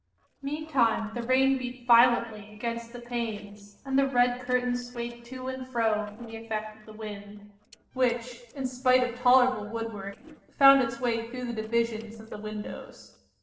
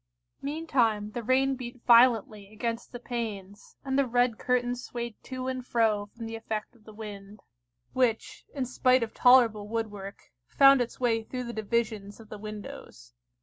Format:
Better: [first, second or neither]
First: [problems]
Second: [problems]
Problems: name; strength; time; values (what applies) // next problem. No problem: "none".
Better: second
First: noise reduction (neural separator model SepFormer DNS4)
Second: none